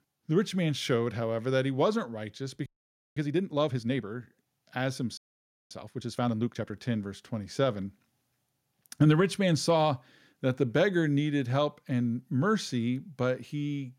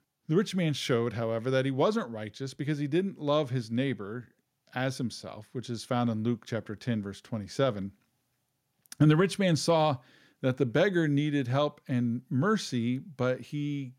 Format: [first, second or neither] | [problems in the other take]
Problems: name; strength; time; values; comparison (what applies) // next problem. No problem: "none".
second | audio freezing; at 2.5 s for 0.5 s and at 5 s for 0.5 s